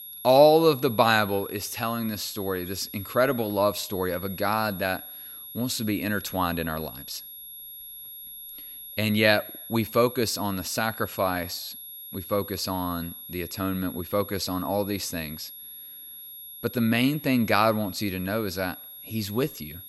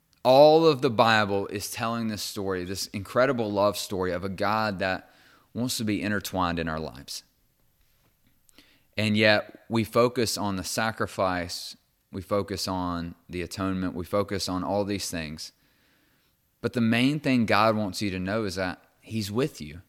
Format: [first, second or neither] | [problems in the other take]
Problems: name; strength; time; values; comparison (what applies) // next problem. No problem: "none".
second | high-pitched whine; noticeable; throughout; 11.5 kHz, 15 dB below the speech